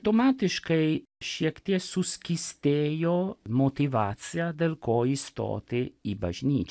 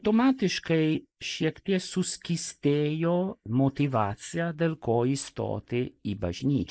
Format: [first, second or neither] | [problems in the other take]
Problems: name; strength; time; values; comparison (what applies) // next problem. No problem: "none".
first | noise reduction (neural mask model Resemble Enhance denoiser)